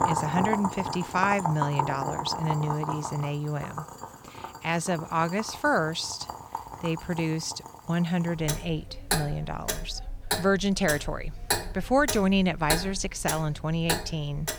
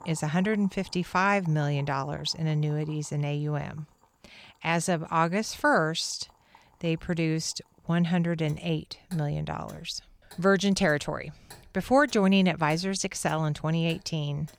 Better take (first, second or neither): second